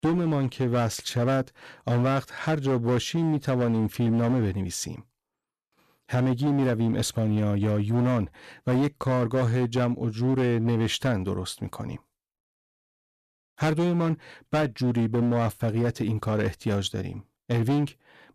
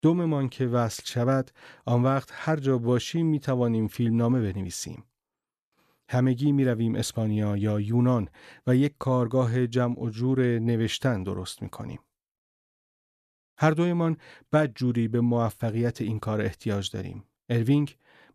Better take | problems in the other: second | distortion; slight; 14% of the sound clipped

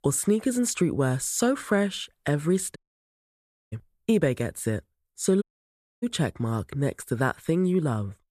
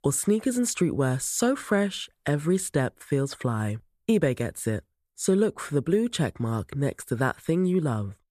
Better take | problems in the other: second | audio cutting out; at 3 s for 1 s and at 5.5 s for 0.5 s

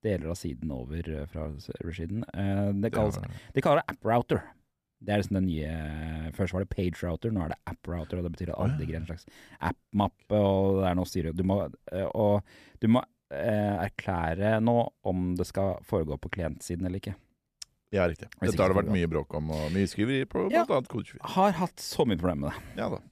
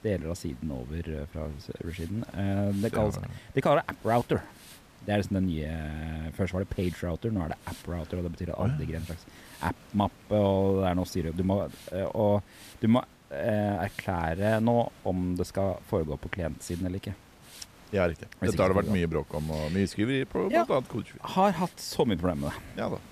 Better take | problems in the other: first | hiss; faint; throughout; 20 dB below the speech

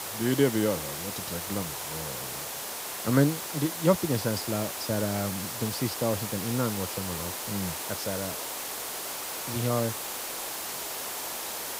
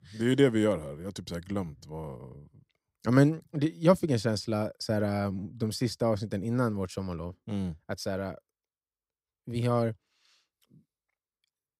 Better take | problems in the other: second | hiss; loud; throughout; 3 dB below the speech

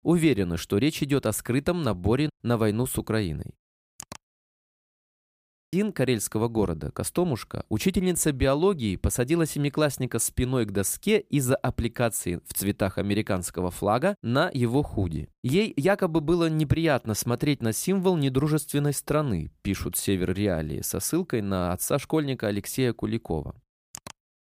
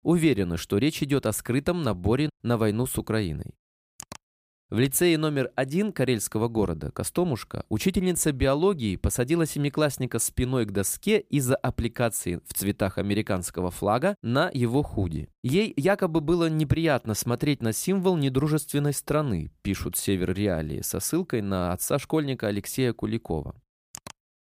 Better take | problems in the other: second | audio freezing; at 4.5 s for 1 s

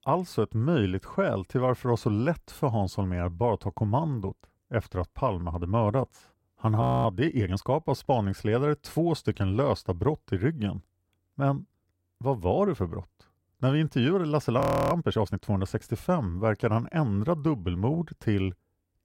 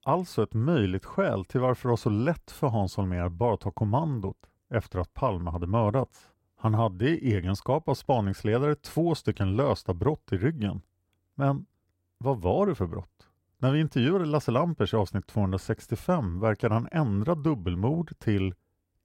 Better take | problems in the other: second | audio freezing; at 7 s and at 15 s

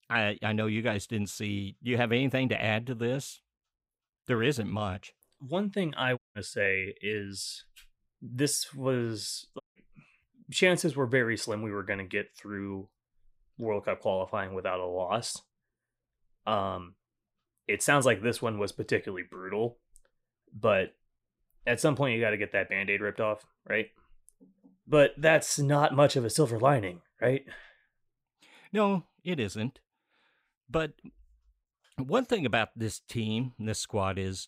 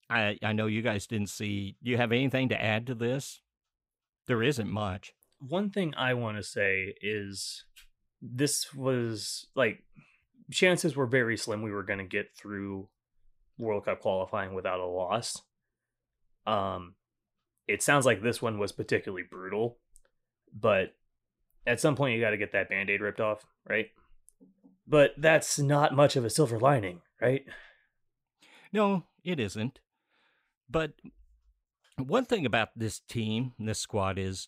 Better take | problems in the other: second | audio cutting out; at 6 s and at 9.5 s

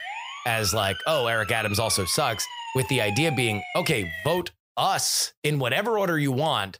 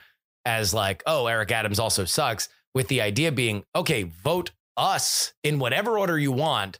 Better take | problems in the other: second | siren; noticeable; until 4.5 s; peak 7 dB below the speech

